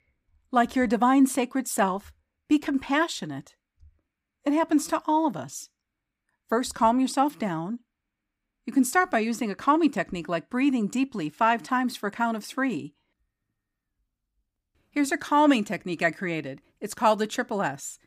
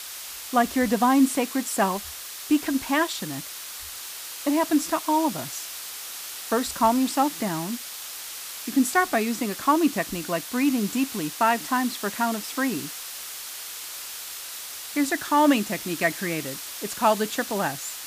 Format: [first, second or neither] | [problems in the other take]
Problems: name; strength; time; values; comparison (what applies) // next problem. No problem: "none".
first | hiss; loud; throughout; 9 dB below the speech